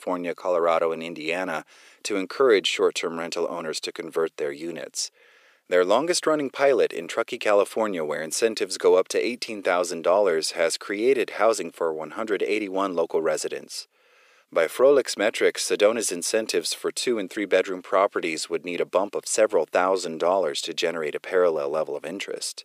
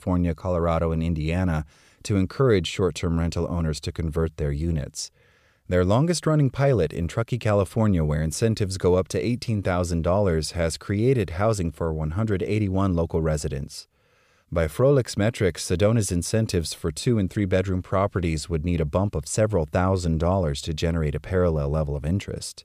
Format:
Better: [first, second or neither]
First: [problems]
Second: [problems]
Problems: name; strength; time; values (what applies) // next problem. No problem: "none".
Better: second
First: thin; very; fading below 350 Hz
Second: none